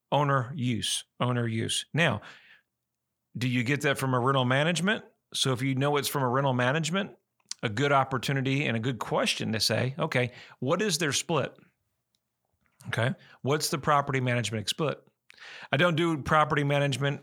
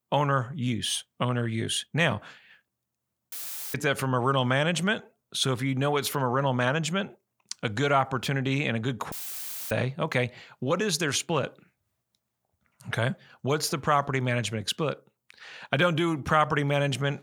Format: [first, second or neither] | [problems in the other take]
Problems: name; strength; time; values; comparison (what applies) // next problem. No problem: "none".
first | audio cutting out; filled with static; at 3.5 s and at 9 s for 0.5 s